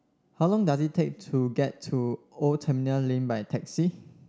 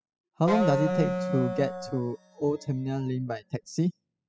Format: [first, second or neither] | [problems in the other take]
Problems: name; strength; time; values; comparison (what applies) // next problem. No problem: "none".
first | noise reduction (classical method spectral subtraction)